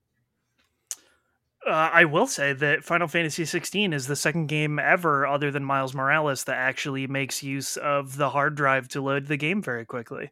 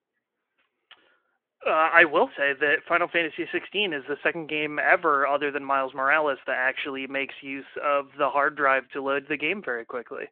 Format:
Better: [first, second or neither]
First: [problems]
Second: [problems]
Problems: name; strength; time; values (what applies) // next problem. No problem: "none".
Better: first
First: none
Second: phone-call audio